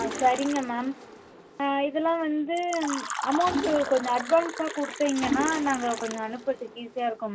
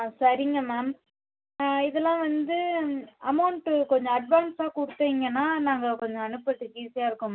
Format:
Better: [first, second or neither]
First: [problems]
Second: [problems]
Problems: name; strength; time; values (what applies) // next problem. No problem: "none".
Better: second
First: background sound (Fill (with liquid) + Mechanisms); 8 dB below the speech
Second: none